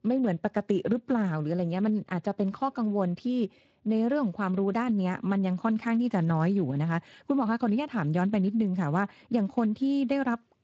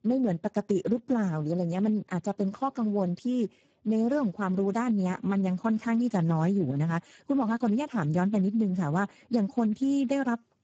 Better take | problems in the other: first | garbled, watery; badly; nothing above 7.5 kHz; slightly in the first

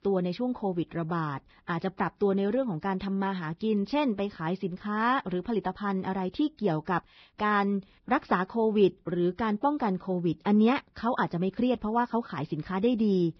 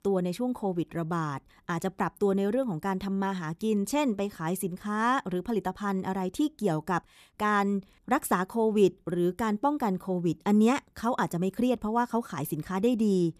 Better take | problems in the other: second | garbled, watery; badly; nothing above 5.5 kHz

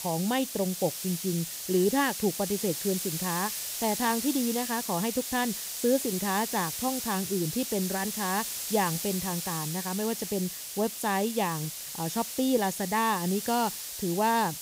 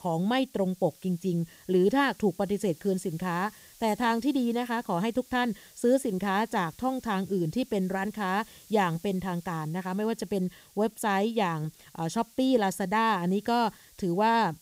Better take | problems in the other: second | hiss; loud; throughout; 4 dB below the speech; faint in the second

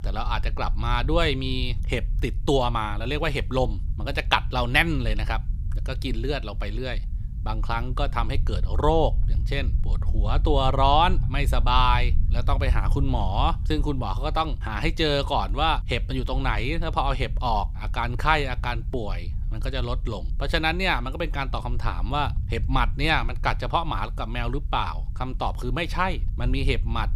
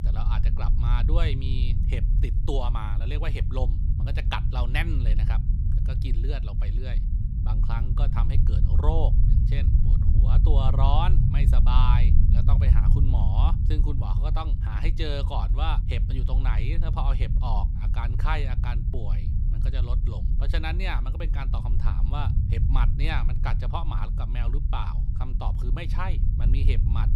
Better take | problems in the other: first | low rumble; loud; throughout; 7 dB below the speech; faint in the first

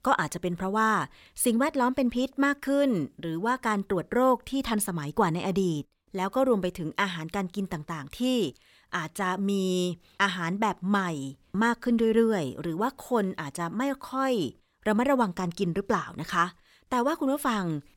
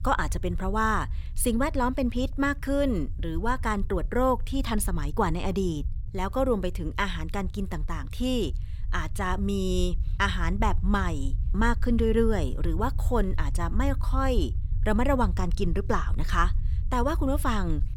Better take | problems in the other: first | low rumble; faint; throughout; 20 dB below the speech

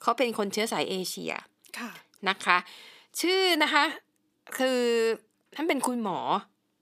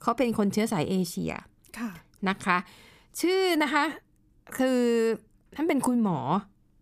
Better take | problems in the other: second | thin; somewhat; fading below 350 Hz

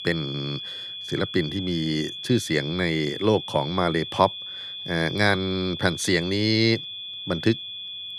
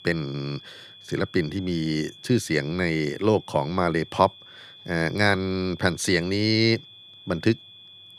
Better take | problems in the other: second | high-pitched whine; loud; throughout; 3.5 kHz, 8 dB below the speech; faint in the second

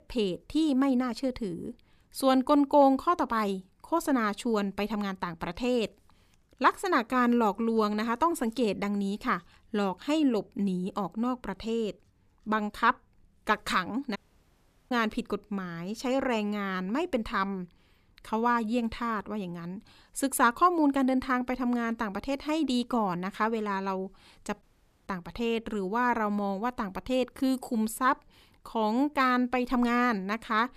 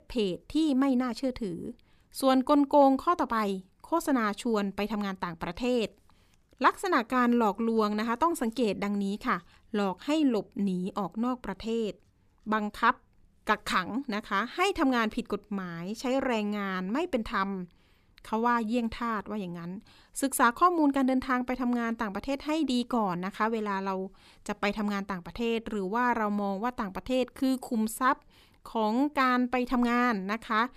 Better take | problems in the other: second | audio cutting out; at 14 s for 1 s and at 25 s

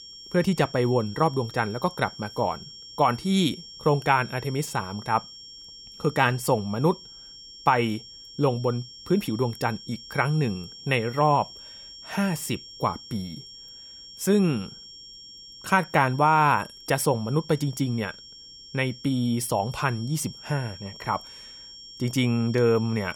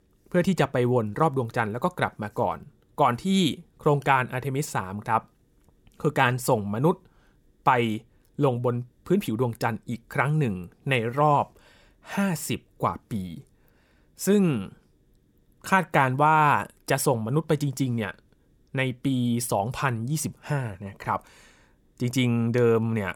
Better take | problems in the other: second | high-pitched whine; noticeable; throughout; 5.5 kHz, 15 dB below the speech

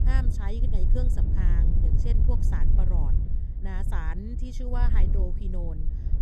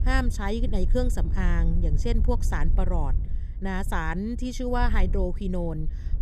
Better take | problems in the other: second | wind noise on the microphone; heavy; 3 dB below the speech; occasional gusts in the second

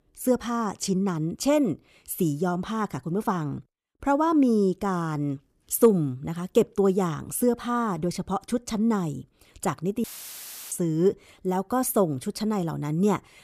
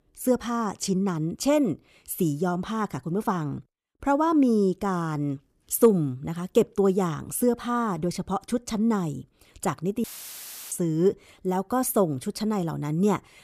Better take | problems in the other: neither | audio cutting out; filled with static; at 10 s for 0.5 s; the same in both

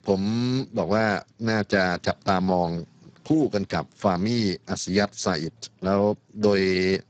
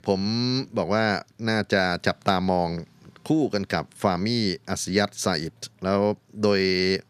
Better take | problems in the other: second | garbled, watery; badly; nothing above 7.5 kHz

